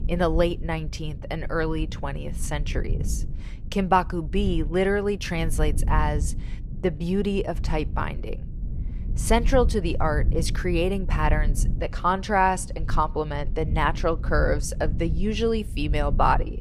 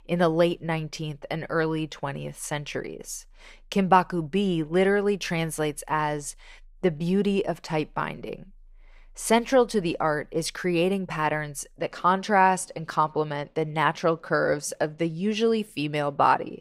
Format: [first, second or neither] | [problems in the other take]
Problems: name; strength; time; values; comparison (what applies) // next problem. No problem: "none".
second | wind noise on the microphone; occasional gusts; 20 dB below the speech